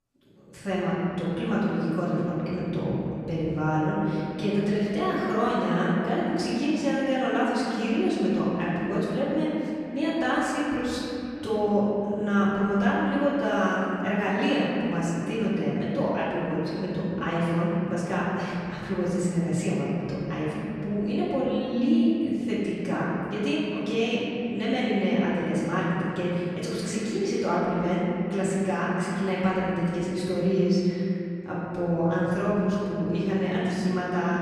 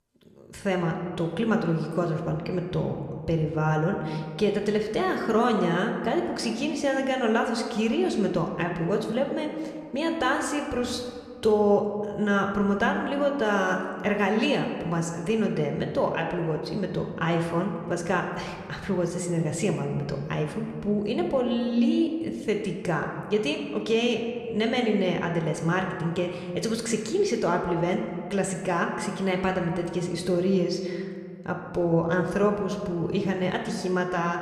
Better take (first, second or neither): second